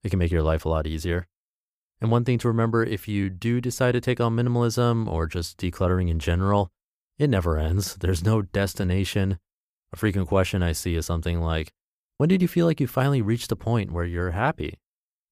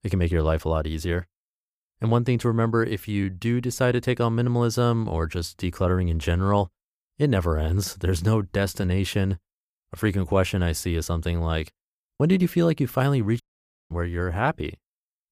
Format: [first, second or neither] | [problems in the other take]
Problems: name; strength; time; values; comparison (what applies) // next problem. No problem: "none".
first | audio cutting out; at 13 s for 0.5 s